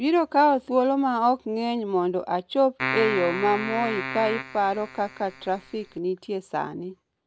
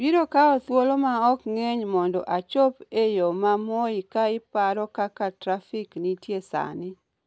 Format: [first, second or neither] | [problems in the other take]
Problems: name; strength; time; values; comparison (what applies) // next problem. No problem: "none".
second | background sound (Keyboard (musical)); 7 dB below the speech